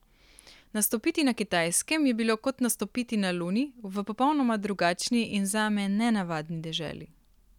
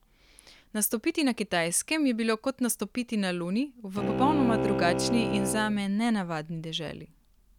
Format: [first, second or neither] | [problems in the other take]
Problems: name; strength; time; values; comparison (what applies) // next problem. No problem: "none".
first | background sound (Bowed string instrument); 2 dB below the speech